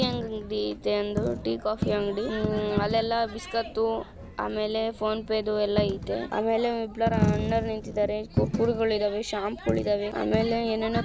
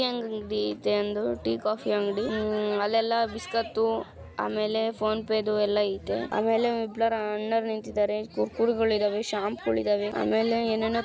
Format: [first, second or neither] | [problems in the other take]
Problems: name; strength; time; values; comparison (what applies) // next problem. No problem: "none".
second | background sound (Coin (dropping)); 6 dB below the speech